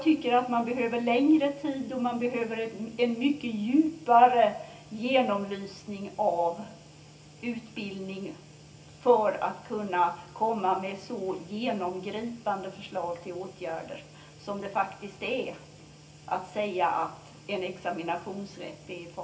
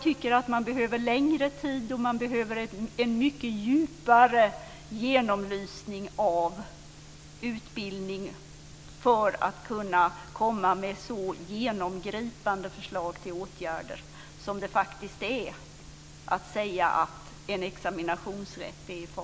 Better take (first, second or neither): second